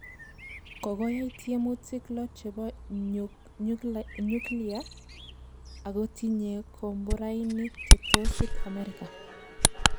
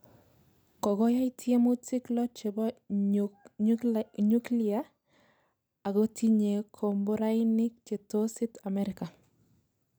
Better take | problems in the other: second | background sound (Bird vocalization, bird call, bird song); 4 dB above the speech

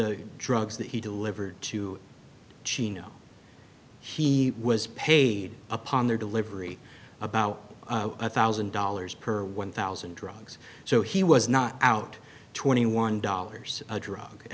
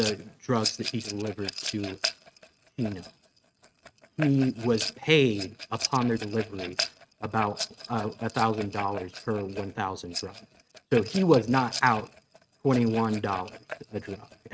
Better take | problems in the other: first | noise reduction (neural mask model RNNoise)

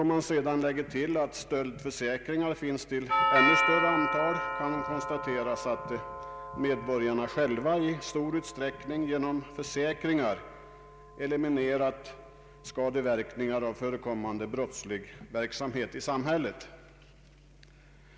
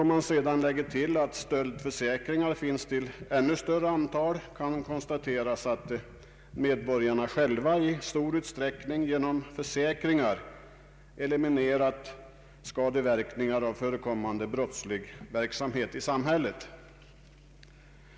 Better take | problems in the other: second | background sound (Doorbell); 5 dB below the speech

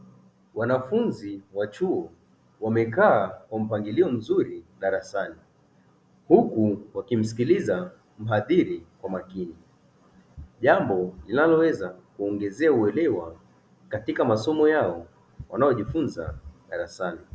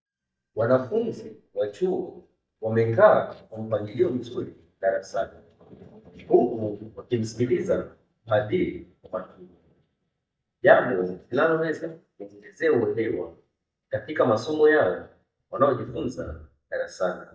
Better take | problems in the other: first | noise reduction (neural mask model DeepFilterNet 3)

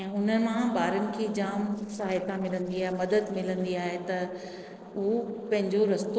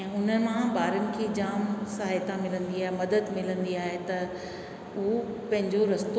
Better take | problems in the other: second | noise reduction (neural separator model SepFormer DNS4)

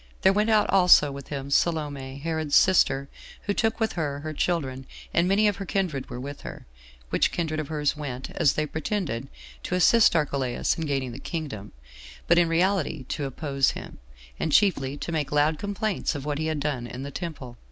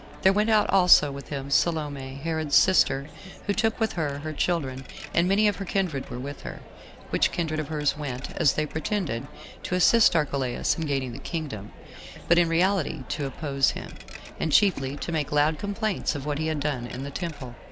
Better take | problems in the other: first | background sound (Coin (dropping)); 18 dB below the speech

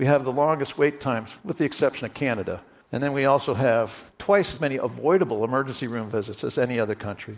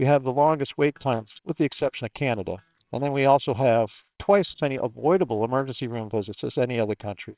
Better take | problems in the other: first | noise reduction (neural separator model SepFormer WHAMR!)

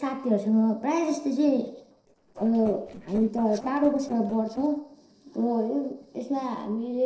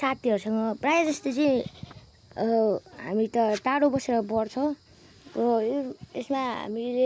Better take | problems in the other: second | noise reduction (neural separator model SepFormer DNS4)

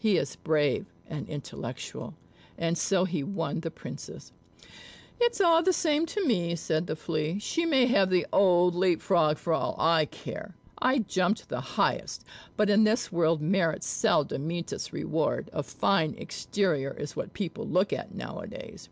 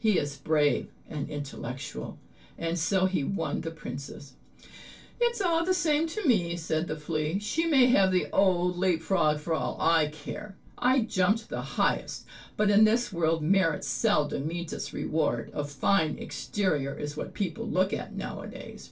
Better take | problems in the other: first | room echo; dies away in 0.2 s

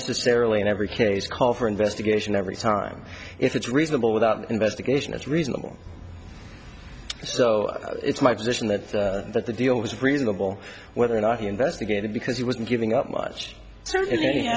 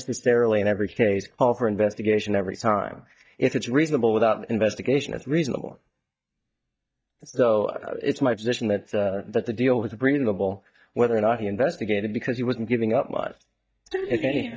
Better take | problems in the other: first | noise reduction (neural mask model DeepFilterNet 3)

